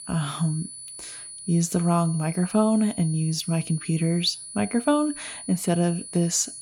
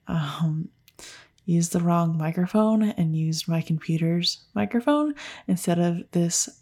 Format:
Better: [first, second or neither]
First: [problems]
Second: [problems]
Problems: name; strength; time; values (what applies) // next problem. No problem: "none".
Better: second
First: high-pitched whine; noticeable; throughout; 10 kHz, 10 dB below the speech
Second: none